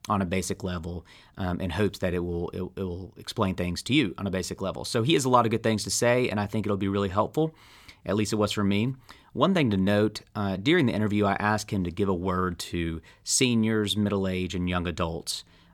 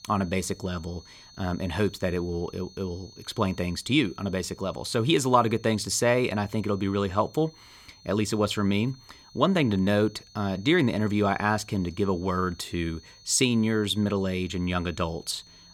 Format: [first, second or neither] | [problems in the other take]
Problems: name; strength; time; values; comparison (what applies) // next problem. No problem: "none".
first | high-pitched whine; faint; throughout; 4.5 kHz, 25 dB below the speech